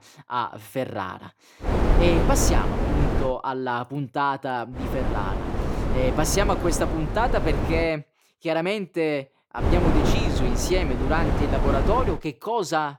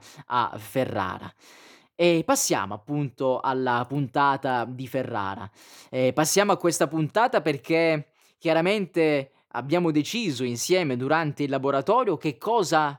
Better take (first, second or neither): second